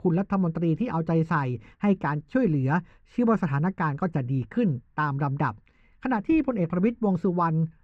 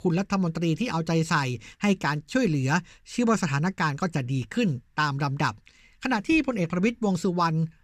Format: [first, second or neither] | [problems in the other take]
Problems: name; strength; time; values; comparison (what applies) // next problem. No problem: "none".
second | muffled; very; fading above 3 kHz